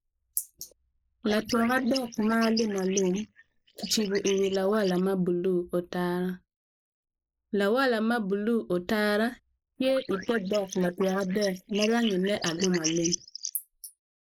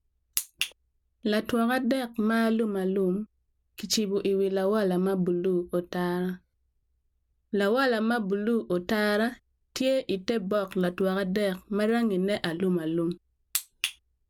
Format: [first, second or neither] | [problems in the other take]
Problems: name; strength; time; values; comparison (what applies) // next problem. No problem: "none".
second | noise reduction (neural mask model Resemble Enhance denoiser)